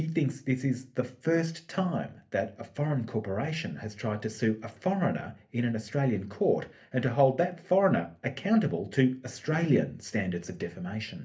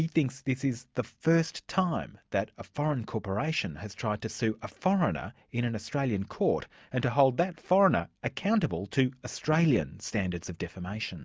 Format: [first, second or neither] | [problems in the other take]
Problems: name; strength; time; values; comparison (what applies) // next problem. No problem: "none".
second | room echo; dies away in 0.3 s